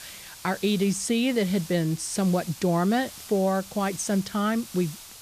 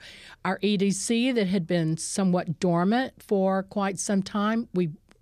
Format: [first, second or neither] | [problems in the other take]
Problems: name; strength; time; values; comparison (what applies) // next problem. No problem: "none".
second | hiss; noticeable; throughout; 15 dB below the speech